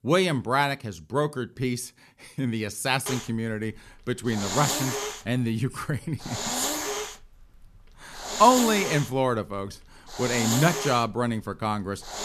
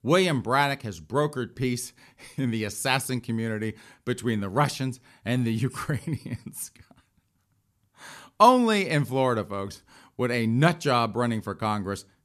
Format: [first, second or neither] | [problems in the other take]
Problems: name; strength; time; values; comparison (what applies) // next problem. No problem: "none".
second | hiss; loud; from 3 s on; 4 dB below the speech